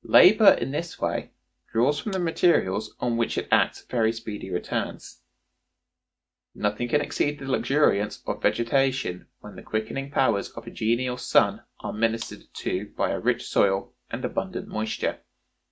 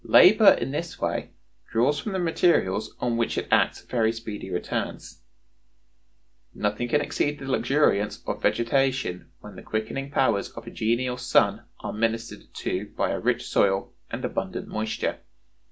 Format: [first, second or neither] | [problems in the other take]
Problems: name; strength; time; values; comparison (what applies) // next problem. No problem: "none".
second | noise reduction (neural mask model RNNoise)